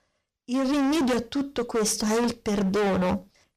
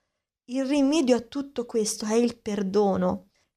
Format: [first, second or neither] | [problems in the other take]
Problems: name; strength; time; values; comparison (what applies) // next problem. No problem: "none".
second | distortion; heavy; 28% of the sound clipped